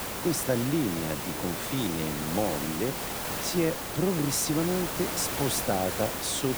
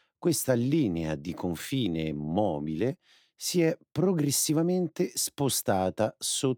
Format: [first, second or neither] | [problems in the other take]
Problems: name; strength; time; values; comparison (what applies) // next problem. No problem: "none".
second | hiss; loud; throughout; 2 dB below the speech